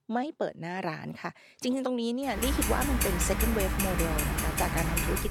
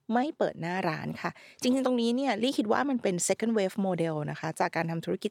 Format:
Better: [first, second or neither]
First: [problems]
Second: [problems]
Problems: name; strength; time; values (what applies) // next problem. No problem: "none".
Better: second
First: household noises; very loud; from 2.5 s on; 3 dB above the speech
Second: none